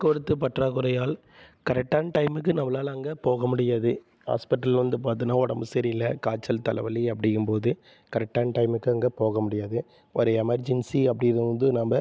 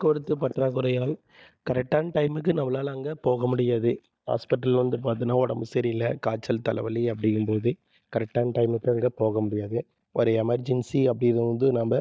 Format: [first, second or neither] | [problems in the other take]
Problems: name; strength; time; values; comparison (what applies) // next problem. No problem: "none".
first | noise reduction (neural mask model DeepFilterNet 3)